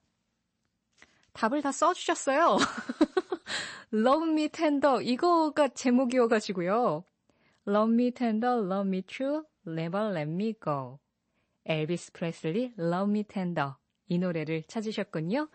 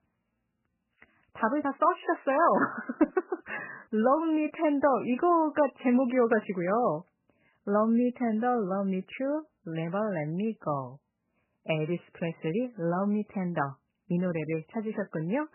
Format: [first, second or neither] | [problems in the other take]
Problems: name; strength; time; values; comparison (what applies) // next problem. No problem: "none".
first | garbled, watery; badly; nothing above 3 kHz; slightly in the first